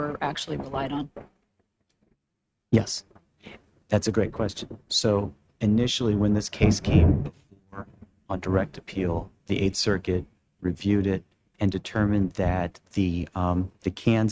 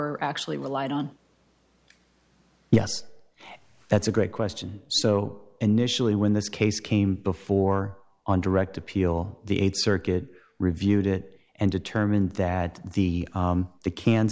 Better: second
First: noise reduction (neural mask model RNNoise)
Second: none

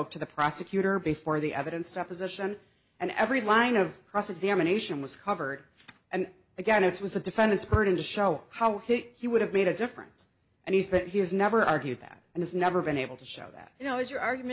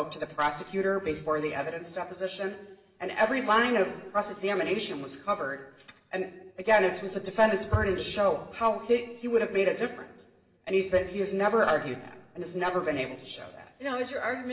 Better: first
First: none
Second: room echo; dies away in 1 s

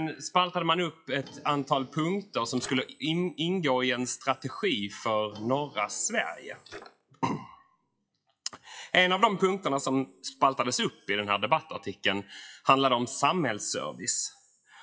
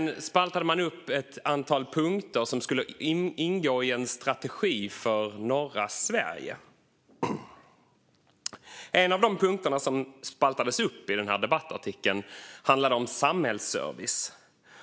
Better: second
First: noise reduction (classical method WPE with log-MMSE)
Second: none

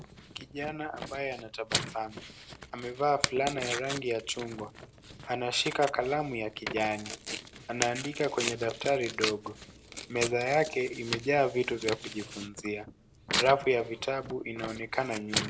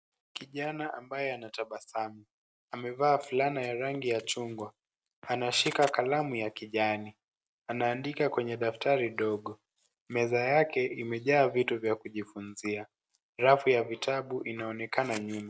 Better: second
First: background sound (Tearing); 7 dB below the speech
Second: none

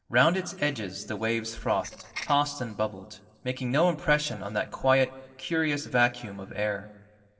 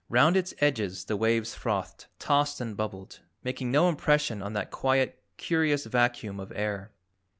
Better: second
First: noise reduction (neural separator model SepFormer DNS4)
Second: none

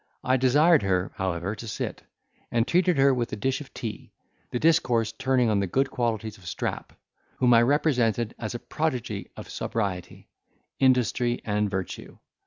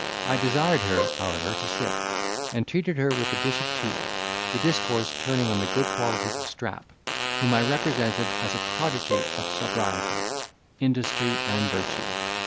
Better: first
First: none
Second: background sound (Fart + Bowed string instrument); 1 dB below the speech

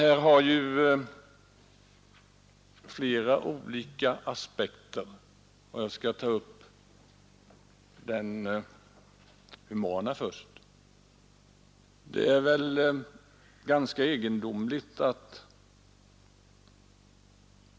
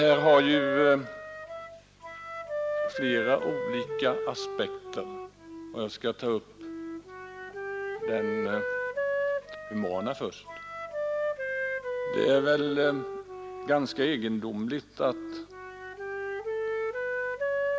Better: first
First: none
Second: background sound (Wind instrument, woodwind instrument); 3 dB below the speech

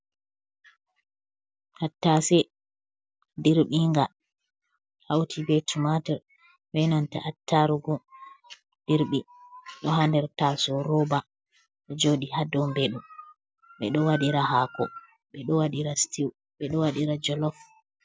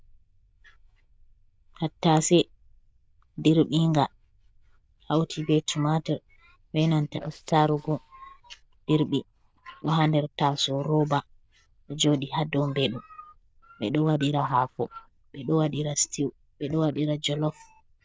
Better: first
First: none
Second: noise reduction (neural diffusion model UNIVERSE++)

